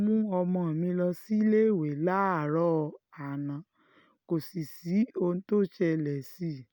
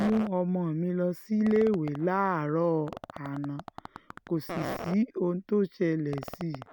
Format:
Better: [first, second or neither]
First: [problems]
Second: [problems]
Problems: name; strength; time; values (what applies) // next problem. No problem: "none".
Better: first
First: none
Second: background sound (Fart); 14 dB below the speech